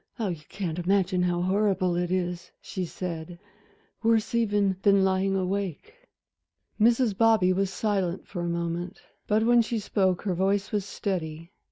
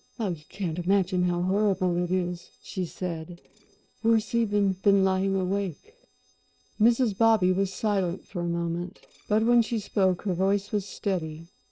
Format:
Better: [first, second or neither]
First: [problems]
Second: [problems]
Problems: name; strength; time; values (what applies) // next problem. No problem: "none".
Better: first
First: none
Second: noise reduction (neural separator model SepFormer DNS4)